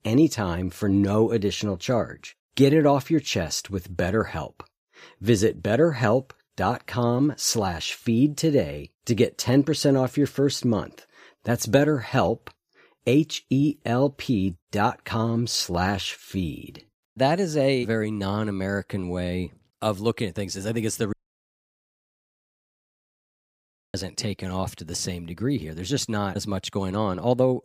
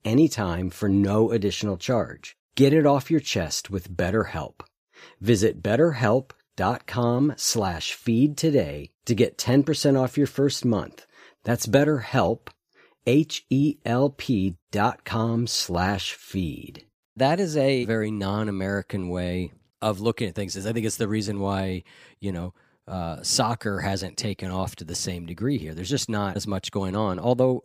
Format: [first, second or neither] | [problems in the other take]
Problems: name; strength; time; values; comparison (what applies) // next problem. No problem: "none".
second | audio cutting out; at 21 s for 3 s